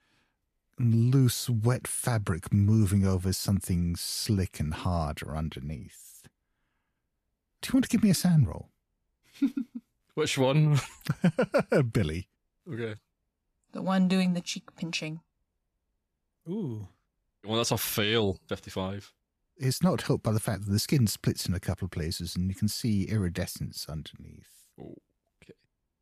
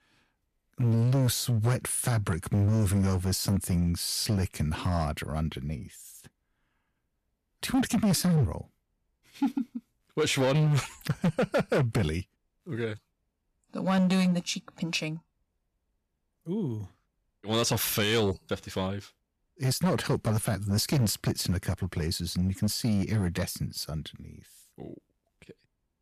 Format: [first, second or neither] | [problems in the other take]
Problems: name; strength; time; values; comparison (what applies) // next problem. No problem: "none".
first | distortion; slight; 8% of the sound clipped